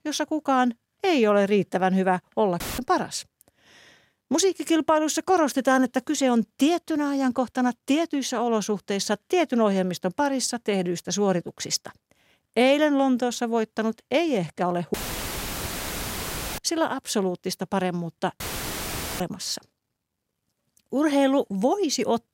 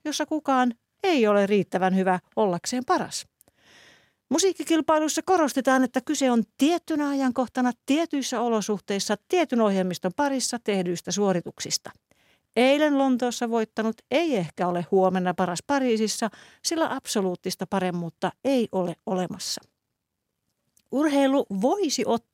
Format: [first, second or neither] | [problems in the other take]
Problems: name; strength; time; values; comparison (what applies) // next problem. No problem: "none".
second | audio cutting out; filled with static; at 2.5 s, at 15 s for 1.5 s and at 18 s for 1 s